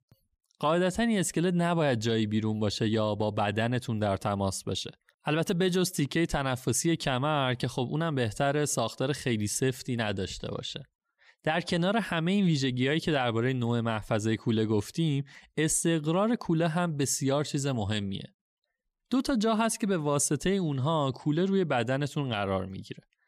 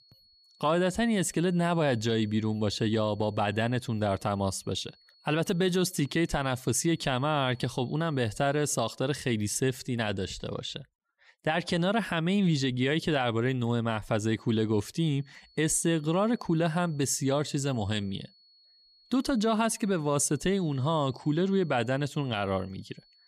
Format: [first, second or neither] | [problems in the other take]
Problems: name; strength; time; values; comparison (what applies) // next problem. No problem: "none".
first | high-pitched whine; faint; until 8.5 s and from 15 s on; 4.5 kHz, 30 dB below the speech